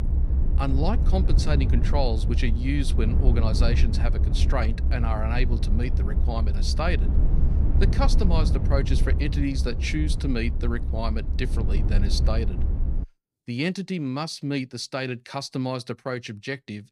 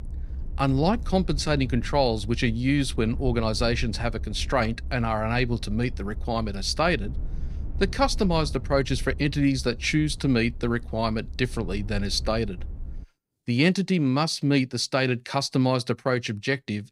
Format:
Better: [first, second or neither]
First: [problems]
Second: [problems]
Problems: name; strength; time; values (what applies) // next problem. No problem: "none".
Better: second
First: low rumble; loud; until 13 s; 9 dB below the speech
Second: low rumble; faint; until 13 s; 25 dB below the speech